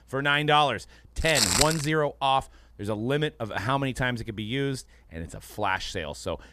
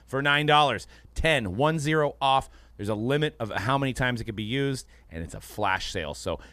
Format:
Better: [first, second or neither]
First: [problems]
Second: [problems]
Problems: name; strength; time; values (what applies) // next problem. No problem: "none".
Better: second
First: footsteps; loud; at 1.5 s; peak 5 dB above the speech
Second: none